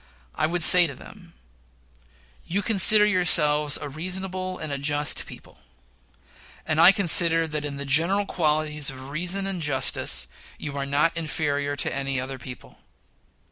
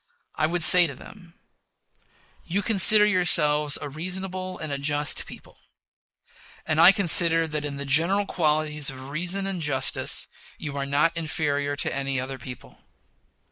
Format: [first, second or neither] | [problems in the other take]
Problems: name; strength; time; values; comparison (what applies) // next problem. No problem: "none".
first | noise reduction (neural mask model Resemble Enhance denoiser)